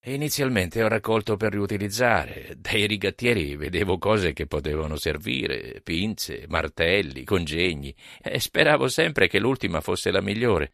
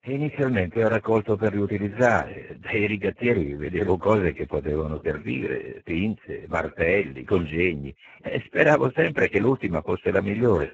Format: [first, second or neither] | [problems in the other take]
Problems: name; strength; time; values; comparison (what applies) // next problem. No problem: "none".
first | garbled, watery; badly; nothing above 7.5 kHz